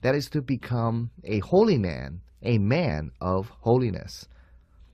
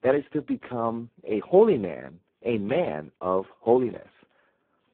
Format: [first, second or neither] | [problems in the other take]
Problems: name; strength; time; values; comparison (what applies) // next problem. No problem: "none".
first | phone-call audio; poor line